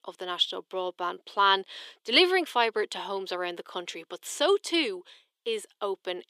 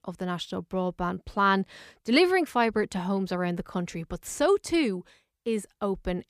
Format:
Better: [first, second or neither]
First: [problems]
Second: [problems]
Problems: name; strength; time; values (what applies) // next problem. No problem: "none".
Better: second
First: thin; somewhat; fading below 350 Hz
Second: none